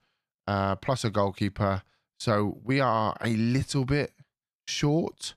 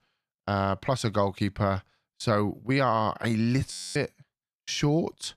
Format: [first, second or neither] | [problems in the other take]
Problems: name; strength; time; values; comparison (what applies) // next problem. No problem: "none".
first | audio freezing; at 3.5 s